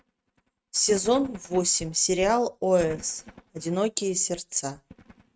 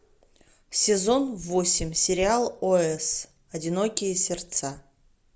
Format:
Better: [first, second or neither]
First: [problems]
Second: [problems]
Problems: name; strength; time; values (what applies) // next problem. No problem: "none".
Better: second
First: noise reduction (neural mask model RNNoise)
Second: none